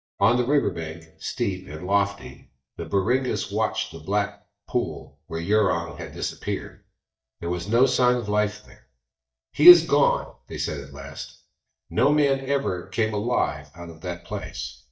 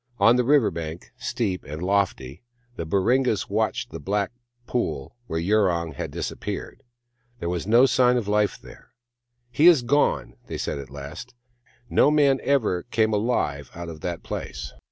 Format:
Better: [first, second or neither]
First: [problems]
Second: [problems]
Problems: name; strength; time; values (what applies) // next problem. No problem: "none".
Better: second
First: noise reduction (neural mask model DeepFilterNet 3)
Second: none